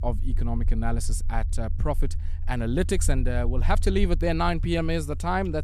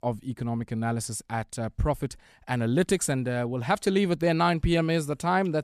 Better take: second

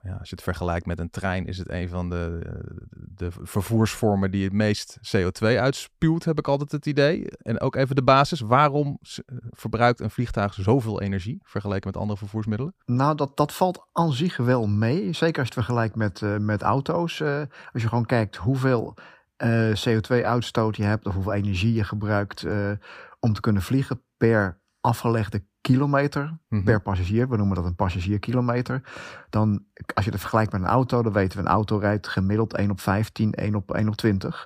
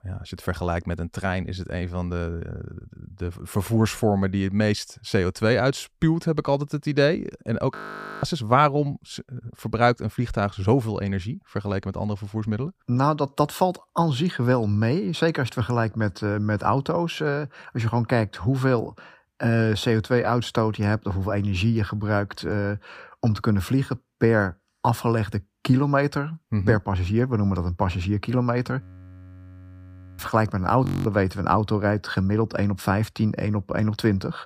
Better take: first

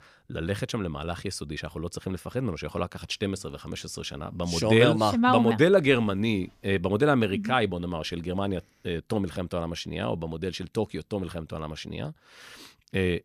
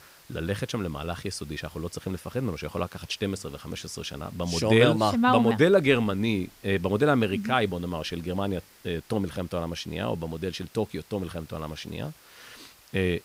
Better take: first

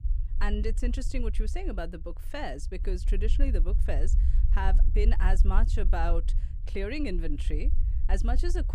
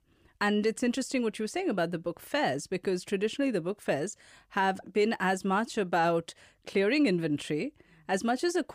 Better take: second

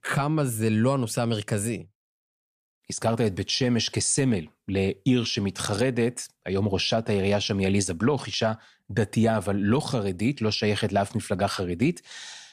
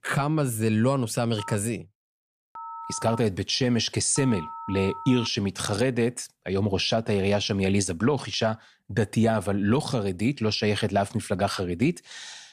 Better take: first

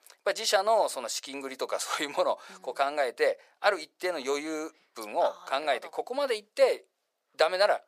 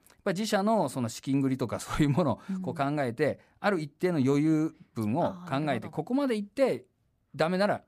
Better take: second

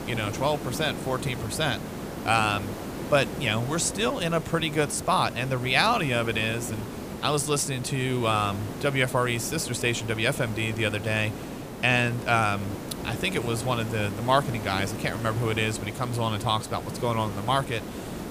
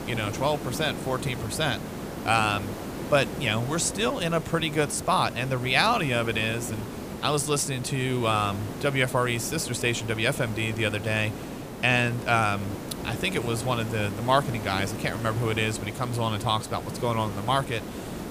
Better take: neither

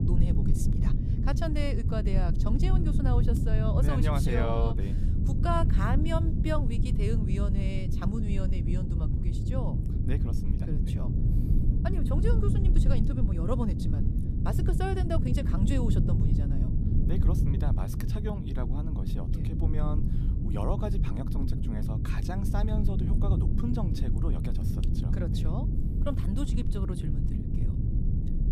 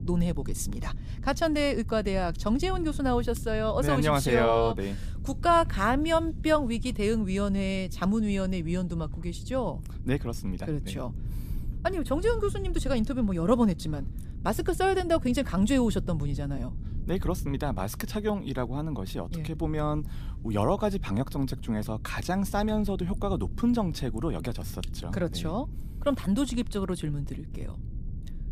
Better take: second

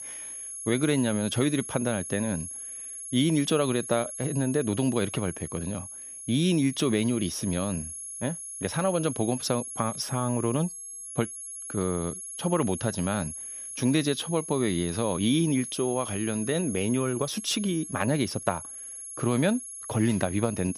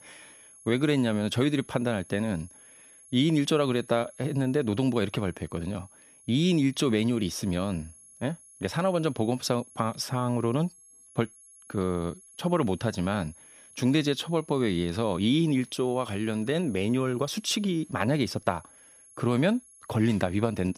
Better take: second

